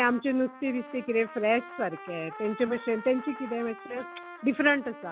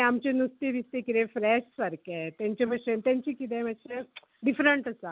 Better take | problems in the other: second | background sound (Trumpet); 15 dB below the speech

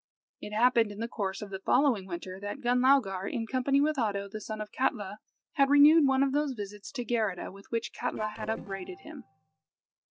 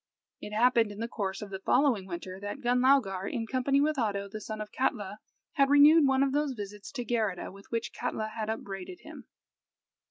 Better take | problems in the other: second | noise reduction (neural separator model SepFormer DNS4)

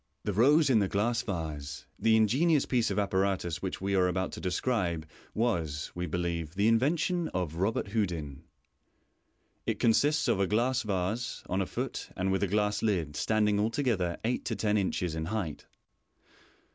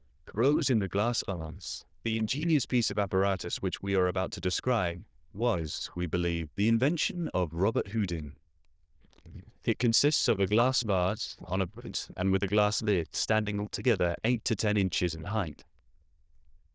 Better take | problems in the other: first | noise reduction (neural diffusion model UNIVERSE++)

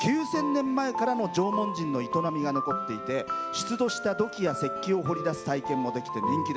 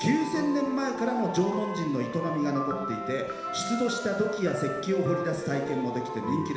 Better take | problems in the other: first | background sound (Wind instrument, woodwind instrument); 12 dB below the speech // room echo; dies away in 1.1 s

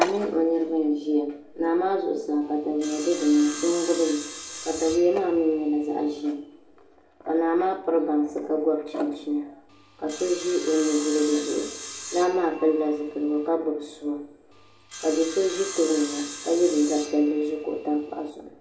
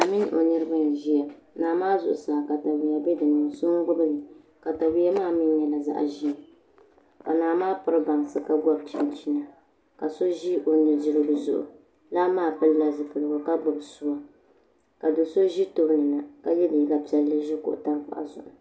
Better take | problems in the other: second | background sound (Sawing); 13 dB below the speech // room echo; dies away in 0.5 s

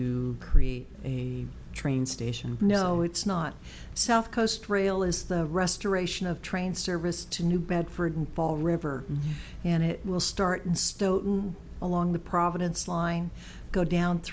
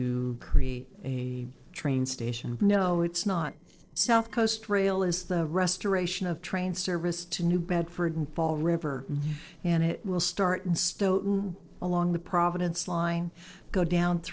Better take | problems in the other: first | noise reduction (neural separator model SepFormer DNS4)

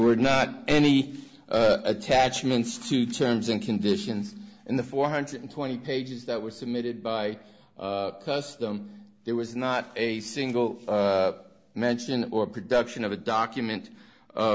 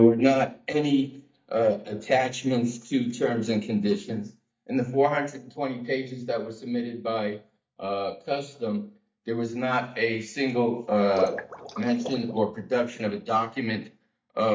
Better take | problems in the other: first | noise reduction (neural mask model DeepFilterNet 3)

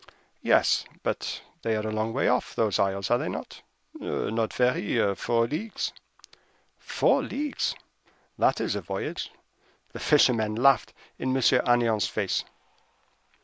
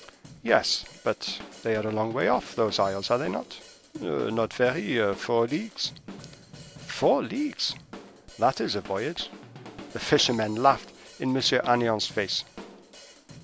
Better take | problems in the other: first | background sound (Drum / Drum kit); 18 dB below the speech

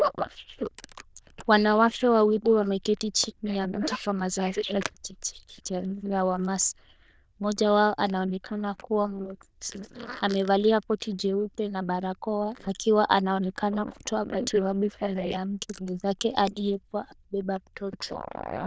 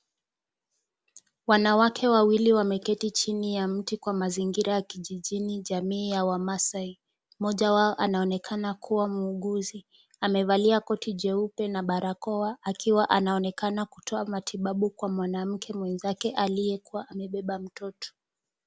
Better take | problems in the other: second | noise reduction (neural diffusion model UNIVERSE++)

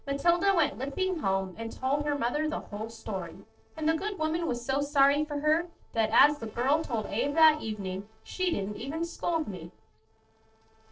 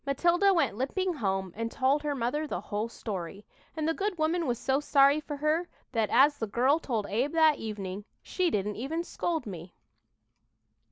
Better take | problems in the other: second | noise reduction (neural separator model SepFormer DNS4)

